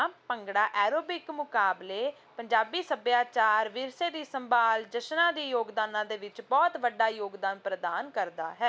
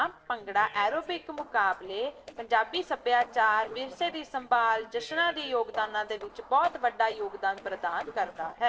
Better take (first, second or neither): first